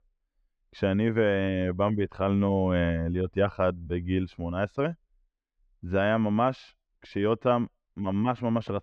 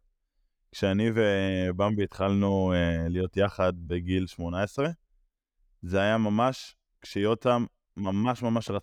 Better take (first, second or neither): second